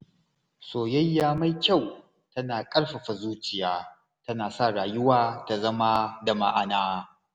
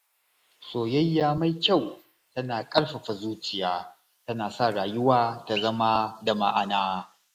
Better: first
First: none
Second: noise reduction (neural mask model Resemble Enhance denoiser)

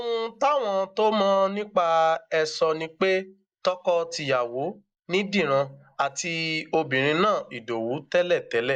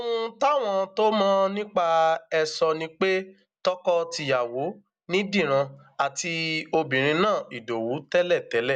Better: second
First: noise reduction (neural mask model Resemble Enhance denoiser)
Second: none

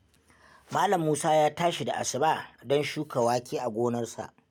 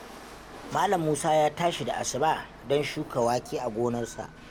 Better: first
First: none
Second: background sound (Rattle / Chatter / Hiss / Engine / Mechanisms); 17 dB below the speech

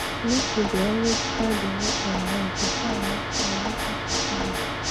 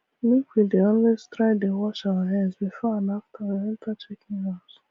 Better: second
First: background sound (Water / Mechanisms); 2 dB above the speech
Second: none

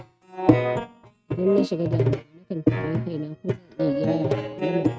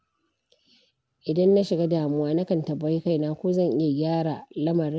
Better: second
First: noise reduction (neural mask model RNNoise)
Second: none

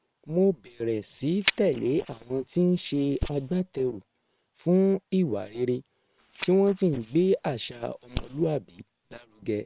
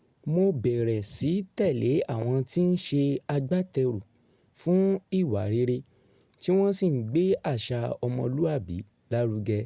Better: second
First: noise reduction (neural separator model SepFormer WHAM!)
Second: none

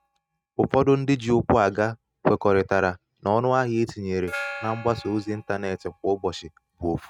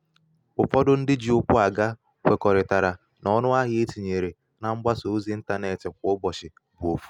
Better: second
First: noise reduction (neural mask model RNNoise)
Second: none

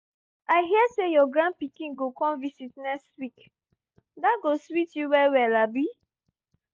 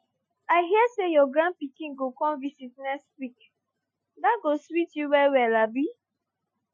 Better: first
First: none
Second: noise reduction (classical method Wiener filter)

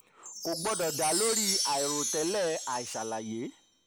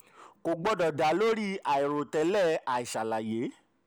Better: second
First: background sound (Wind chime); 2 dB below the speech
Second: none

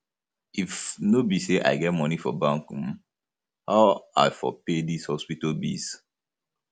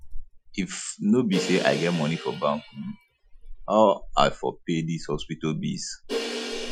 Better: first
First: none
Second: noise reduction (classical method Wiener filter)

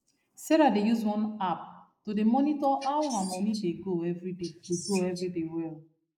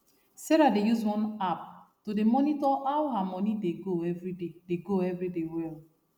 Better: second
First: noise reduction (neural mask model Resemble Enhance denoiser)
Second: none

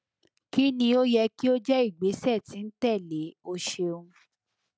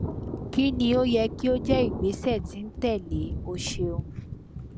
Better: first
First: none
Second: background sound (Thunder); 5 dB below the speech

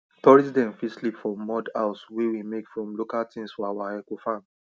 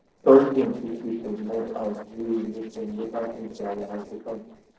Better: first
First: none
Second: noise reduction (neural separator model SepFormer DNS4)

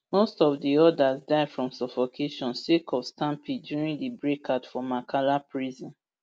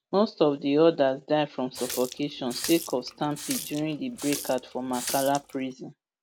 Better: first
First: none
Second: background sound (Water tap, faucet); 11 dB below the speech

